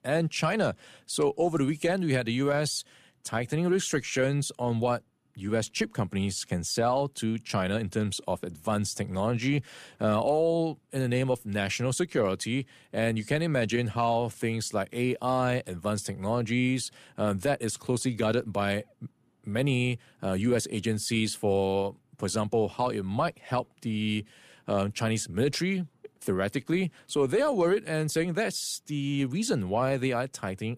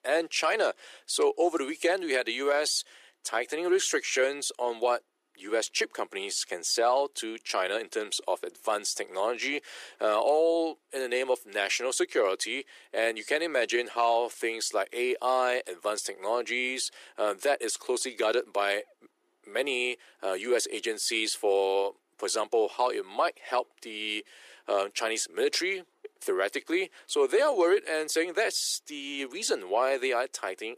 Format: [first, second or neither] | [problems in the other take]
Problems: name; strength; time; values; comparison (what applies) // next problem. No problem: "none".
first | thin; very; fading below 350 Hz